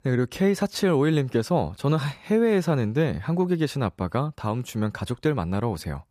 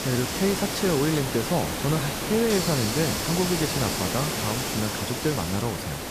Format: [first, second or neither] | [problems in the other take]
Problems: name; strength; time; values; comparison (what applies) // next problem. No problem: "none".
first | hiss; loud; throughout; 1 dB below the speech